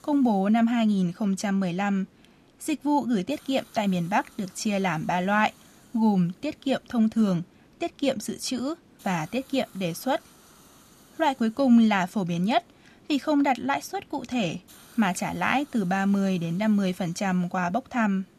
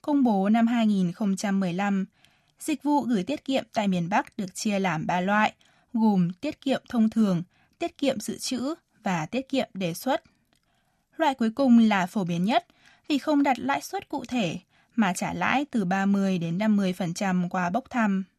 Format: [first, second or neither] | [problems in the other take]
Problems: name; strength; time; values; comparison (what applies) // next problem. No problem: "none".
second | hiss; faint; throughout; 30 dB below the speech